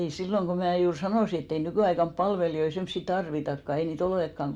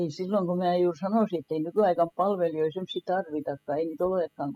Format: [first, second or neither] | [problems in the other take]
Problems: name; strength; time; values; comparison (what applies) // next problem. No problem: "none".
first | noise reduction (classical method spectral subtraction)